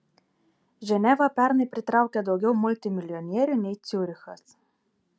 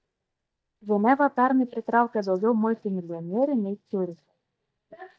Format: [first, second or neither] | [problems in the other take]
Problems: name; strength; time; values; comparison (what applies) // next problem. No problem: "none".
first | noise reduction (neural mask model DeepFilterNet 3)